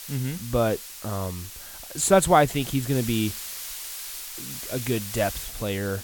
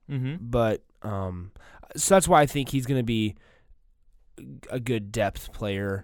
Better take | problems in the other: second | hiss; loud; throughout; 10 dB below the speech

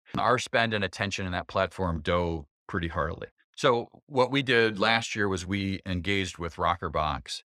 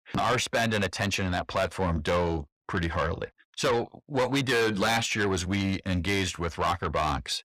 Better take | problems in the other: first | distortion; heavy; 6 dB below the speech

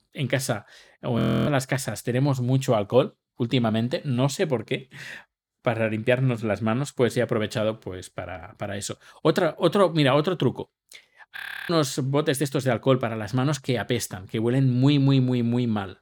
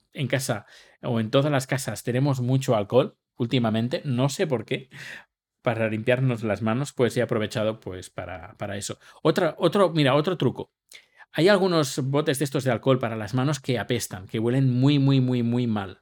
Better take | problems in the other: second | audio freezing; at 1 s and at 11 s

